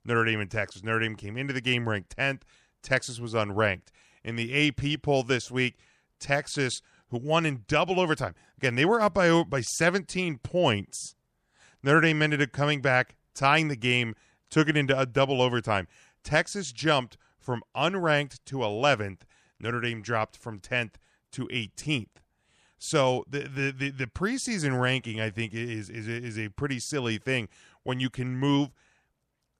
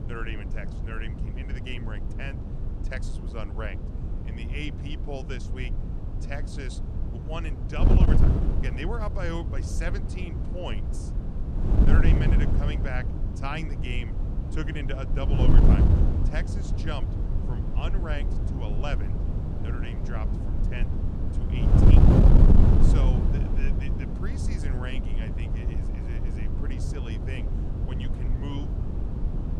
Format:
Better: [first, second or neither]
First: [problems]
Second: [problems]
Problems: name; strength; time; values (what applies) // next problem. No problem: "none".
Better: first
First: none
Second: wind noise on the microphone; heavy; 1 dB above the speech